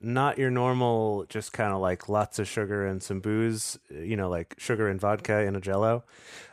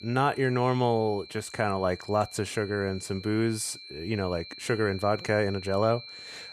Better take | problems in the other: first | high-pitched whine; noticeable; throughout; 4 kHz, 15 dB below the speech

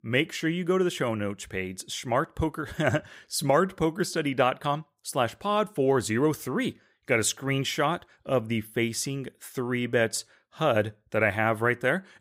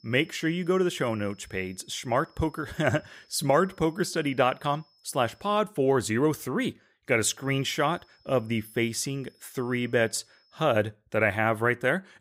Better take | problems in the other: first | high-pitched whine; faint; until 5.5 s and from 7.5 to 11 s; 5 kHz, 35 dB below the speech

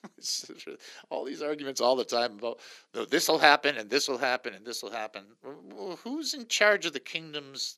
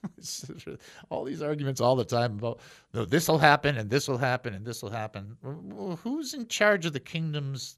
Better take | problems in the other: second | thin; somewhat; fading below 250 Hz

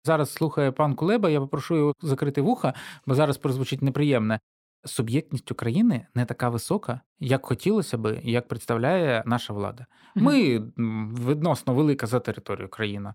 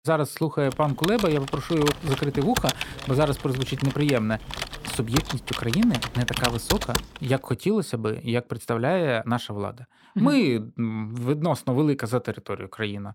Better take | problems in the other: first | keyboard typing; loud; from 0.5 to 7 s; peak level with the speech

